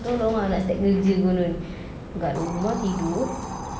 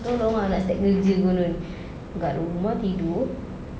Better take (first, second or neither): second